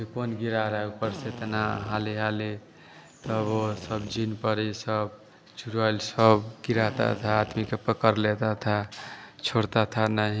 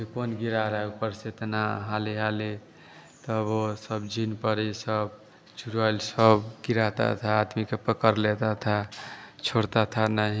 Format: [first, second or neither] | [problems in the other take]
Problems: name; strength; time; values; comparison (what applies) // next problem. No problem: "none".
second | background sound (Drill); 14 dB below the speech